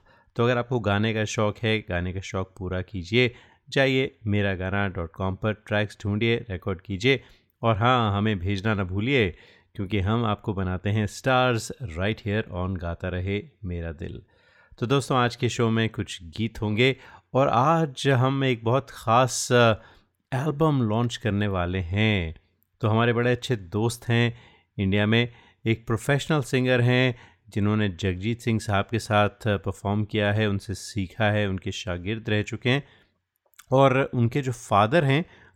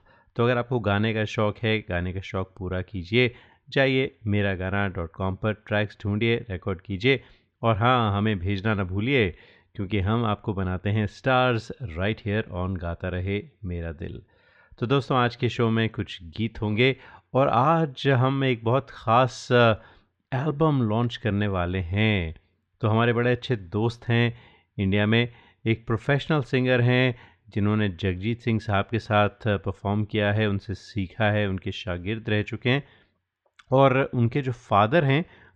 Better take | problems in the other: first | muffled; slightly; fading above 4 kHz

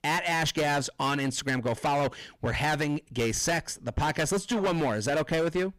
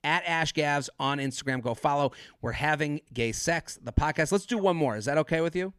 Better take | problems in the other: second | distortion; heavy; 19% of the sound clipped

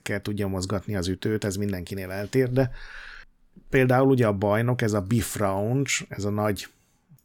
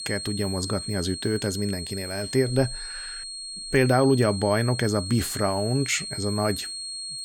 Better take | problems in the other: first | high-pitched whine; loud; throughout; 4.5 kHz, 8 dB below the speech

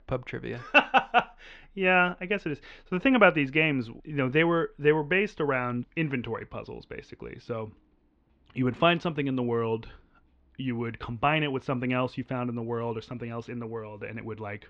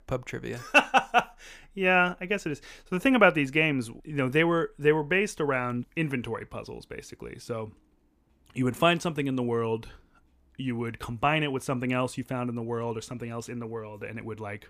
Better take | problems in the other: second | muffled; slightly; fading above 4 kHz

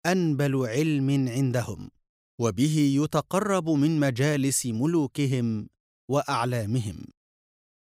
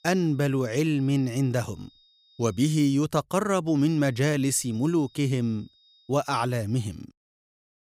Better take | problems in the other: first | high-pitched whine; faint; until 2.5 s and from 4 to 6.5 s; 3.5 kHz, 35 dB below the speech

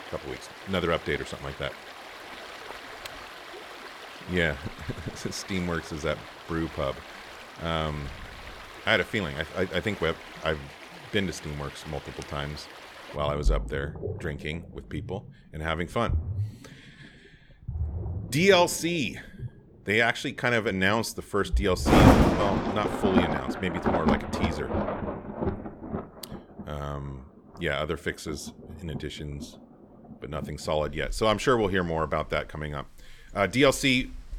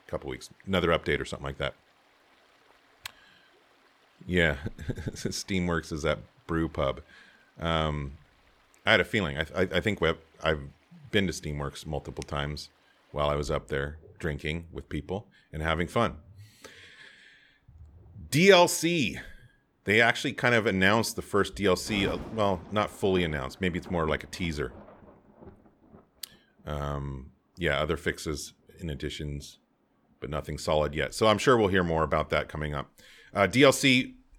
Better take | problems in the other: second | rain or running water; loud; throughout; 3 dB below the speech; faint in the second

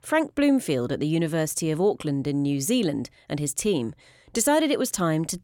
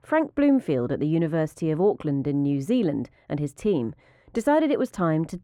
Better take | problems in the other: first | muffled; very; fading above 3 kHz

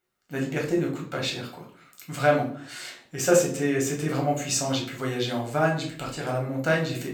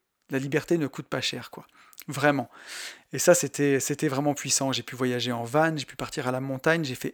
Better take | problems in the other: second | room echo; slight; dies away in 0.4 s // off-mic speech; far

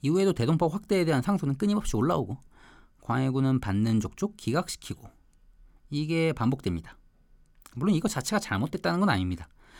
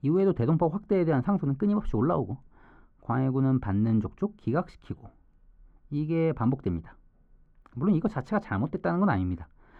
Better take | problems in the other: first | muffled; very; fading above 3.5 kHz

